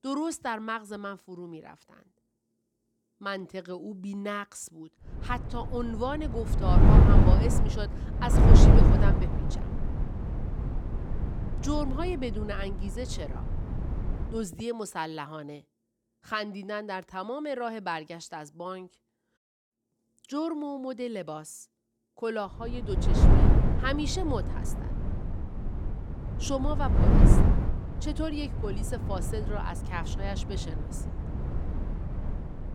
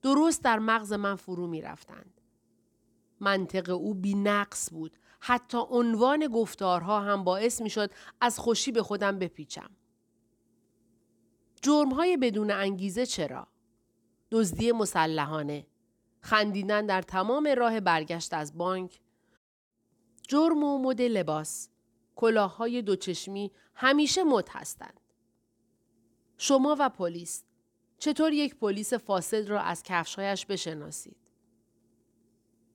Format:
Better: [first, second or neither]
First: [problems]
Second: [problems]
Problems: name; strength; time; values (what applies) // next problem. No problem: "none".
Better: second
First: wind noise on the microphone; heavy; from 5 to 14 s and from 23 s on; 1 dB below the speech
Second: none